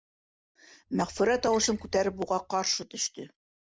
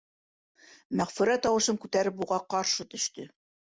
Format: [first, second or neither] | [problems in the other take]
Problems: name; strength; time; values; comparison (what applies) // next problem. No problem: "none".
second | background sound (Splash, splatter); 19 dB below the speech